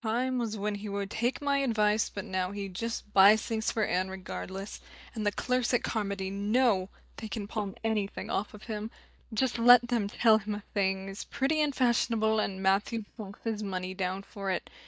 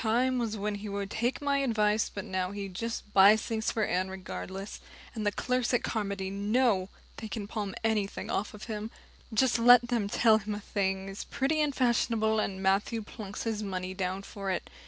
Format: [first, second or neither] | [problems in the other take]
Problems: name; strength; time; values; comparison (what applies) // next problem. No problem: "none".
second | noise reduction (neural mask model DeepFilterNet 3)